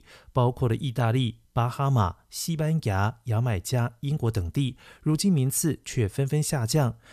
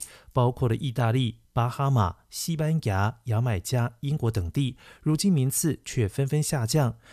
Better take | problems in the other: first | jangling keys; faint; at the start; peak 15 dB below the speech

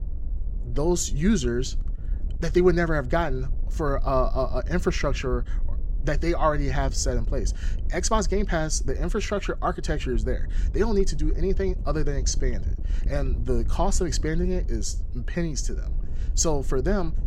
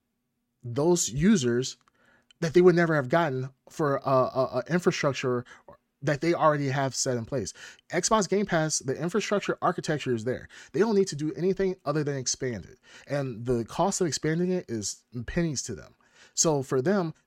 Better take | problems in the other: second | wind noise on the microphone; occasional gusts; 20 dB below the speech

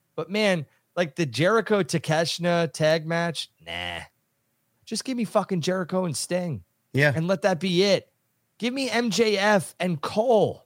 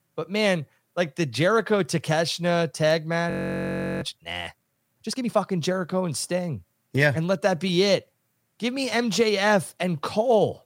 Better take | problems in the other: first | audio freezing; at 3.5 s for 0.5 s

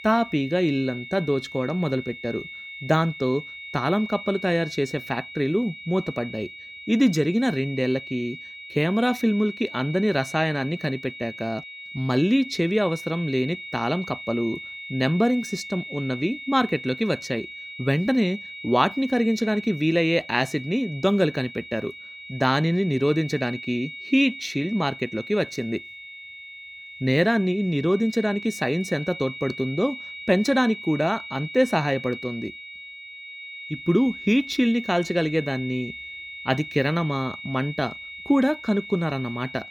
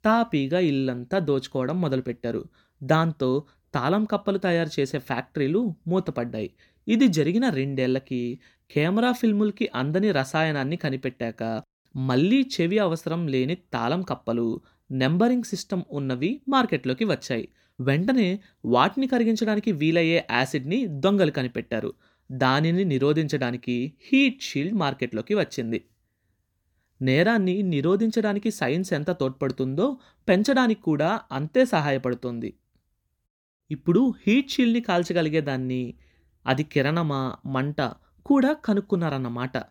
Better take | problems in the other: second | high-pitched whine; noticeable; throughout; 2.5 kHz, 10 dB below the speech

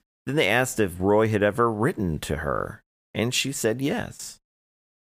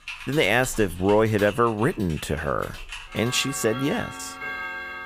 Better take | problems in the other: first | household noises; noticeable; throughout; 15 dB below the speech

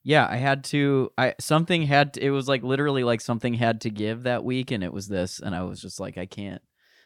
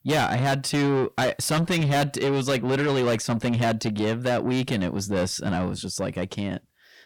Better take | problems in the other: first | distortion; heavy; 6 dB below the speech

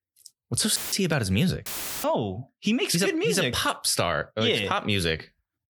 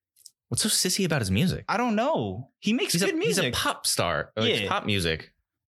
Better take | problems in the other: second | audio cutting out; filled with static; at 1 s and at 1.5 s

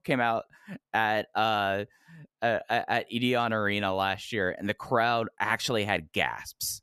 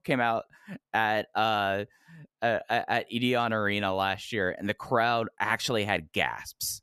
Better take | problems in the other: neither | none

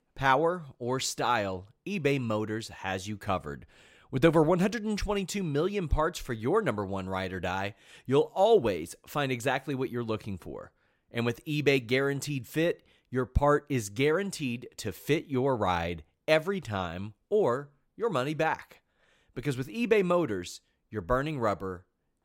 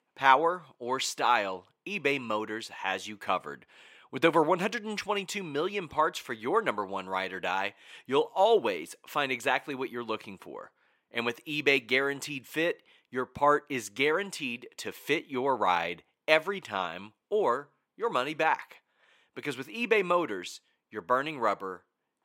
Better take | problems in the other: first | thin; somewhat; fading below 250 Hz

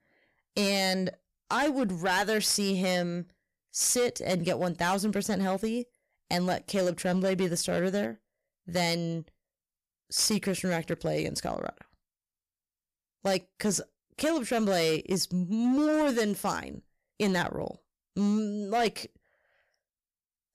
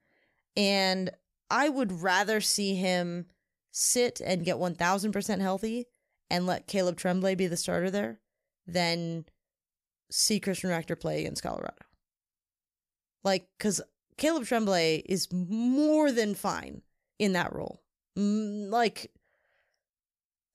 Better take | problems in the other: second | distortion; slight; 7% of the sound clipped

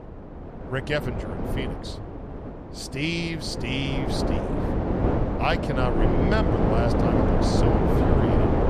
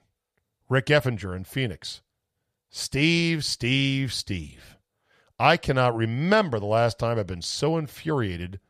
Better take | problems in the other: second | wind noise on the microphone; heavy; 2 dB above the speech

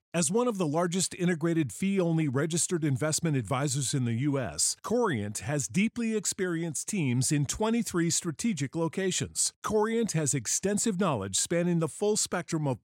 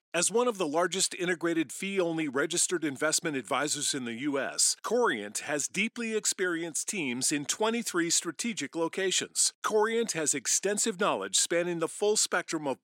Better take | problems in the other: first | thin; somewhat; fading below 300 Hz

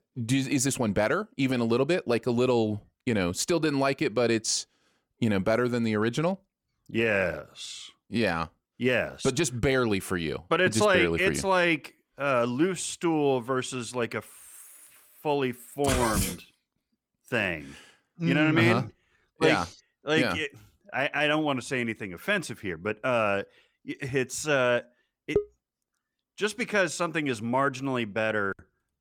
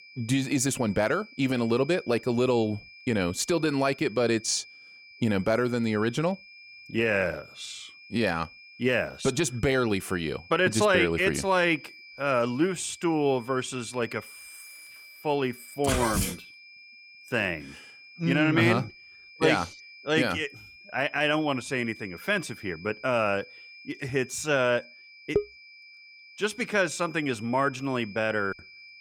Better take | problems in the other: first | high-pitched whine; noticeable; throughout; 2.5 kHz, 20 dB below the speech

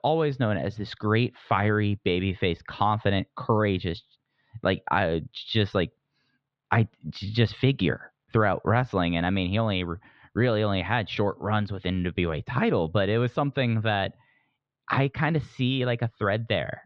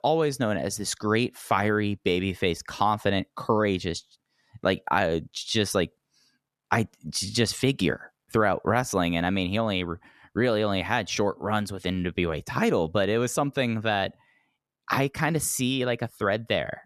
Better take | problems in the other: second | muffled; slightly; fading above 4 kHz

